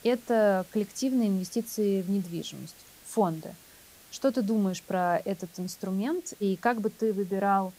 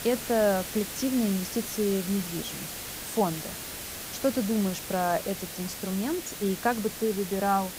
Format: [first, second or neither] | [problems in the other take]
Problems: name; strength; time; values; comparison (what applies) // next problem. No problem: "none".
first | hiss; loud; throughout; 7 dB below the speech; faint in the first